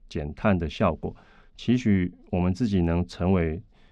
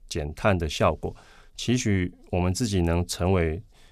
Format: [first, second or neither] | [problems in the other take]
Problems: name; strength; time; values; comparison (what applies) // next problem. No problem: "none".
second | muffled; slightly; fading above 3 kHz